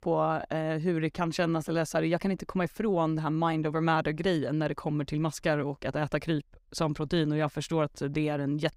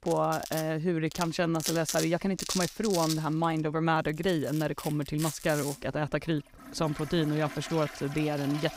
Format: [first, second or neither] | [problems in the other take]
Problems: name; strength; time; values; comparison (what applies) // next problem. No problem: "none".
first | household noises; loud; throughout; 8 dB below the speech